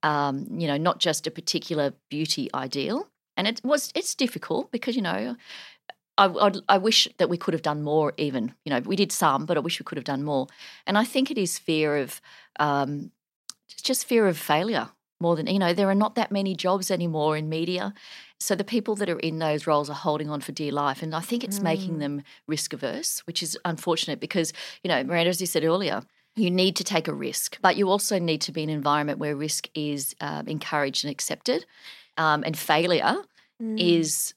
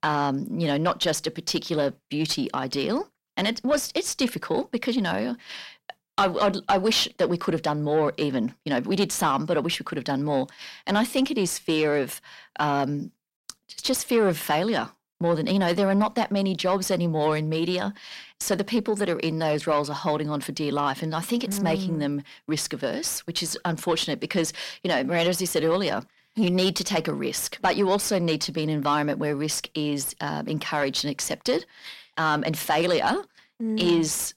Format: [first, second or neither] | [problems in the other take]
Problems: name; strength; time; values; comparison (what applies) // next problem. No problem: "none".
first | distortion; slight; 10 dB below the speech